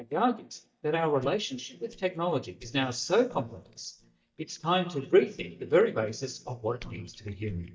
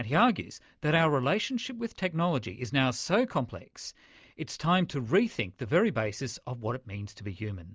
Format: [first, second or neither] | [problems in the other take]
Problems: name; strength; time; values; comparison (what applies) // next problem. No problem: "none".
second | noise reduction (neural mask model DeepFilterNet 3)